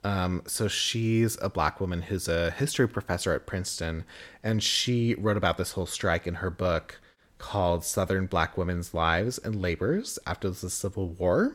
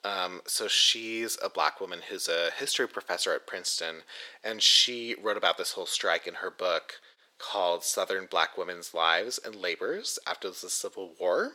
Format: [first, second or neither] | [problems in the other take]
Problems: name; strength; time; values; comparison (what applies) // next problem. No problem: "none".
first | thin; very; fading below 450 Hz